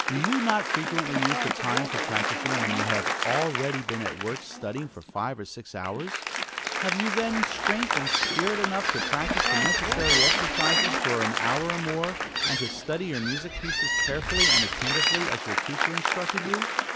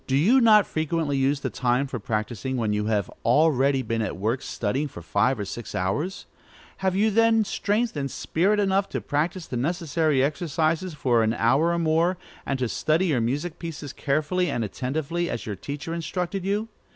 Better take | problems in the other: second | background sound (Gull, seagull + Applause); 4 dB above the speech

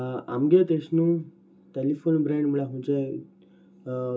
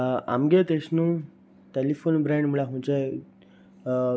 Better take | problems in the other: second | room echo; dies away in 0.2 s

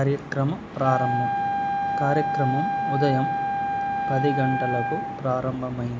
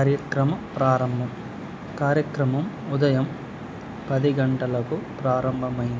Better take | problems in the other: second | background sound (Wind instrument, woodwind instrument); 1 dB below the speech

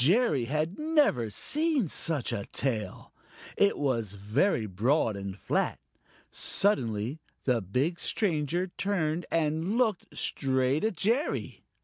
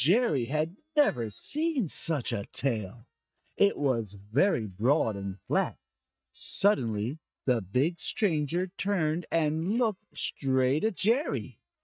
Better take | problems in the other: first | noise reduction (neural mask model DeepFilterNet 3)

